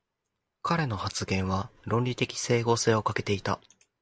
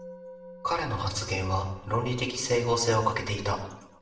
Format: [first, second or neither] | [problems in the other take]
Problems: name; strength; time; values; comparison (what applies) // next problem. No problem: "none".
first | background sound (Musical instrument); 20 dB below the speech // room echo; dies away in 0.7 s